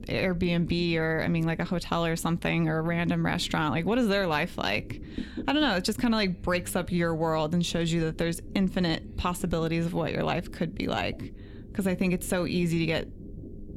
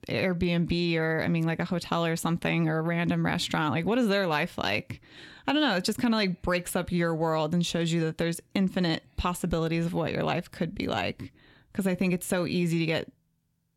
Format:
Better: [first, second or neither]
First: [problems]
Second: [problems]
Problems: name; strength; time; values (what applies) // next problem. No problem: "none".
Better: second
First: low rumble; faint; throughout; 20 dB below the speech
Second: none